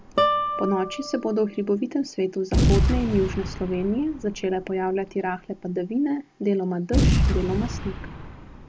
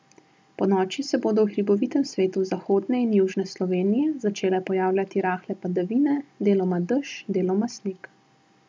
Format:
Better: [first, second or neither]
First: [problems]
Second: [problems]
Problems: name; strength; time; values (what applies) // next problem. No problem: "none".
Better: second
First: background sound (Boom + Guitar); as loud as the speech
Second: none